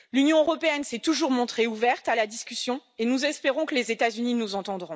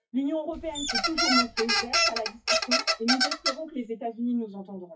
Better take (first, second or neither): first